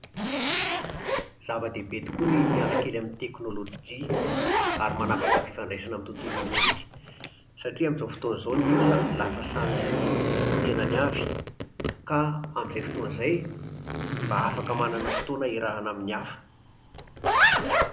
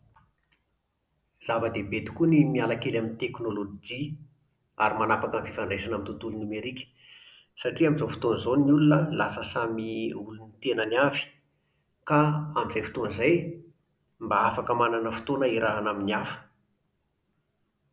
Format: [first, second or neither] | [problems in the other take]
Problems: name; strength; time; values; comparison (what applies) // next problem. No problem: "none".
second | background sound (Zipper (clothing)); 2 dB above the speech